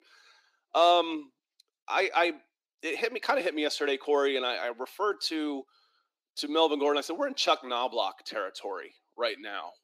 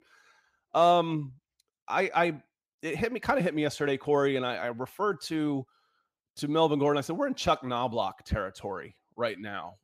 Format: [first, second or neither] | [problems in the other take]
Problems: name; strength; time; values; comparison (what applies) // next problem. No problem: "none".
second | thin; very slightly; fading below 300 Hz